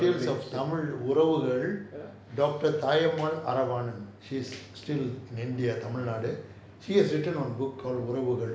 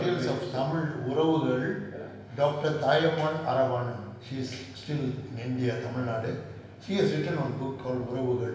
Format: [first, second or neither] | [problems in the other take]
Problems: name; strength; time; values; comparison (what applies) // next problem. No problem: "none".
first | room echo; dies away in 1.4 s